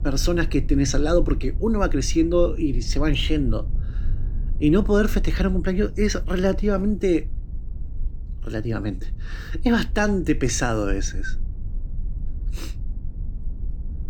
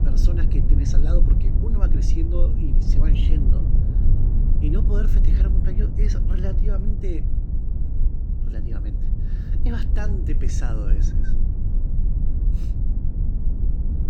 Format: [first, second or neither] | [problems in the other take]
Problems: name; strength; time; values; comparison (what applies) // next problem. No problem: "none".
first | low rumble; loud; throughout; 2 dB below the speech; faint in the first